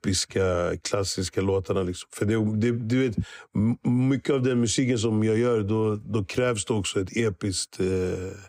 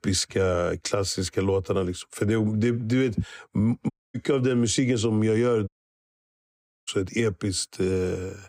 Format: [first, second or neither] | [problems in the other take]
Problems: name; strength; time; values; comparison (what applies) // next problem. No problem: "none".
first | audio cutting out; at 4 s and at 5.5 s for 1 s